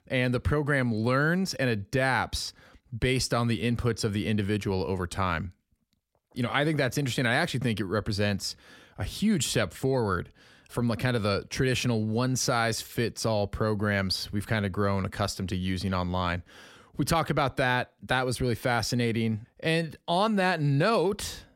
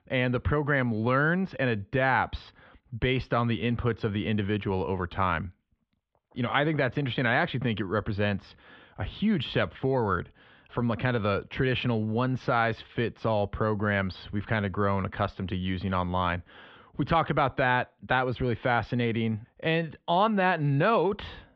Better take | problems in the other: first | muffled; very; fading above 3.5 kHz

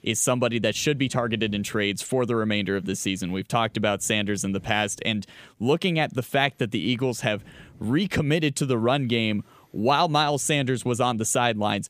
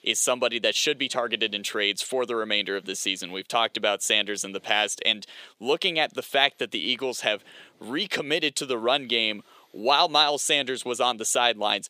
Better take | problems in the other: first | thin; somewhat; fading below 450 Hz

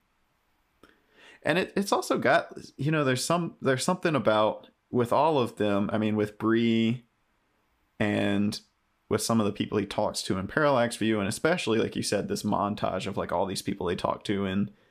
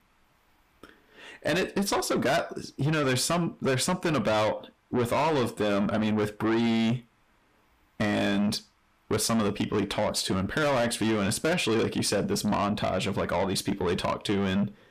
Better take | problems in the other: first | distortion; heavy; 7 dB below the speech

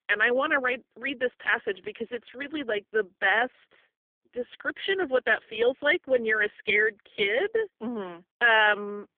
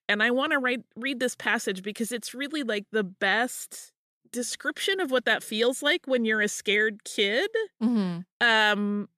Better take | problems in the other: second | phone-call audio; poor line; nothing above 3.5 kHz

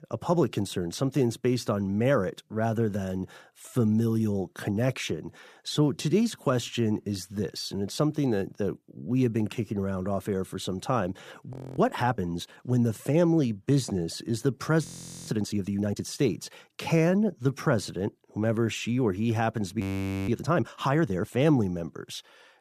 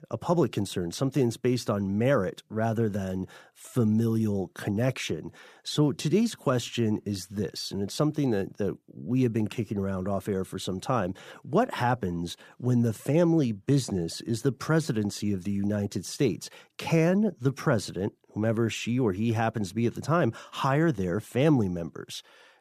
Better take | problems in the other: second | audio freezing; at 12 s, at 15 s and at 20 s

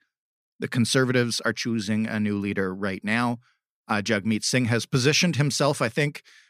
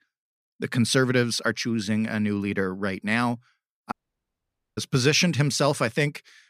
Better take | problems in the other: first | audio cutting out; at 4 s for 1 s

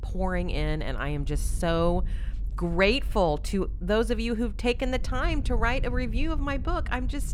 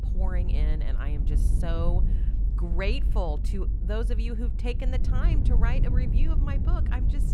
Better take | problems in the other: first | low rumble; loud; throughout; 7 dB below the speech; faint in the first

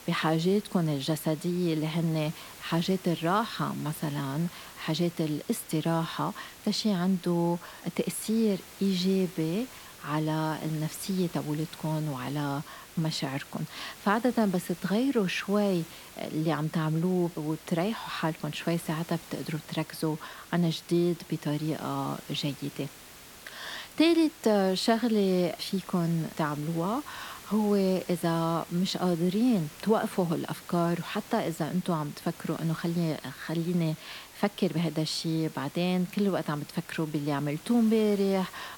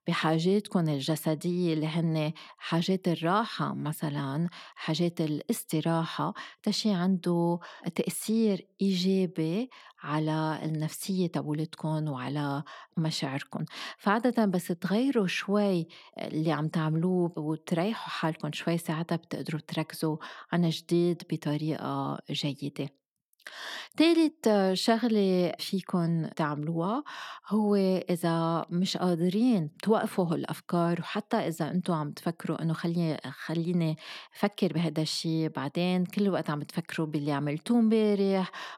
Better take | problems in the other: second | hiss; noticeable; throughout; 15 dB below the speech

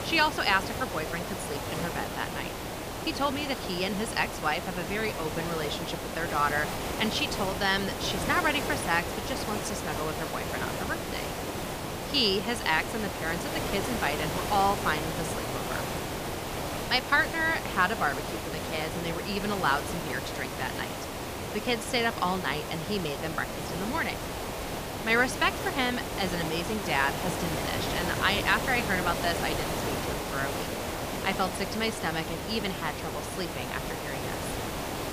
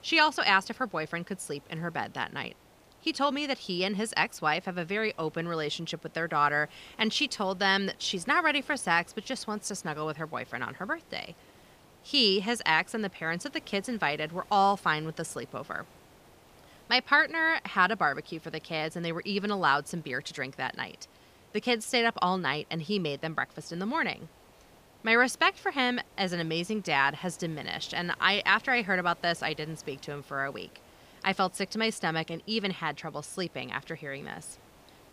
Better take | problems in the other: second | hiss; loud; throughout; 3 dB below the speech; faint in the second

